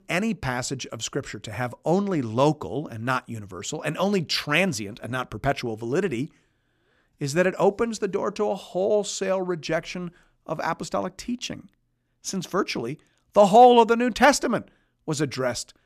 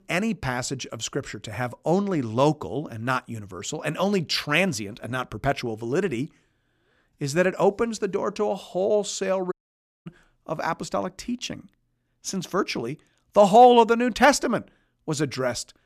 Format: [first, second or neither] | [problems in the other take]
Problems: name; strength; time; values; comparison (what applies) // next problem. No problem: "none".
first | audio cutting out; at 9.5 s for 0.5 s